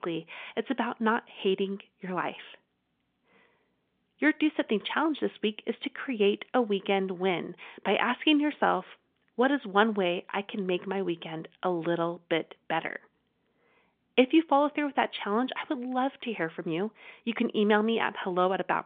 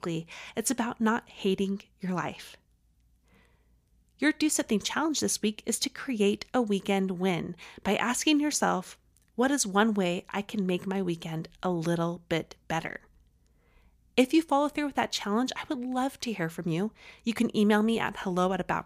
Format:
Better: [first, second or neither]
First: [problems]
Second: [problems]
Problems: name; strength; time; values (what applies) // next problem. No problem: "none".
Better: second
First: phone-call audio; nothing above 3.5 kHz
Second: none